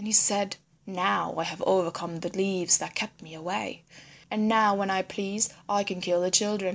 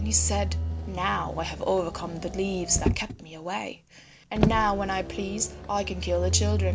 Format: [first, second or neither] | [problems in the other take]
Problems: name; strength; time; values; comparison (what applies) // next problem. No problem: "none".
first | background sound (Motor vehicle (road)); 2 dB below the speech